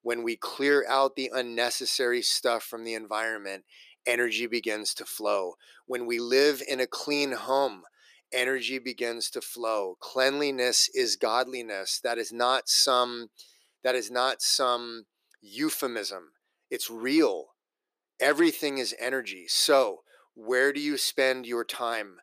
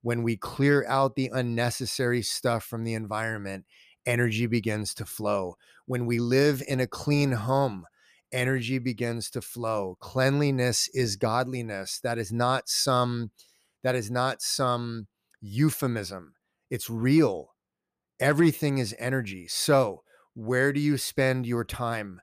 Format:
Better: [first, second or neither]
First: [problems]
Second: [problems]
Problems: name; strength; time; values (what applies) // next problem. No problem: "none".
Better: second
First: thin; somewhat; fading below 350 Hz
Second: none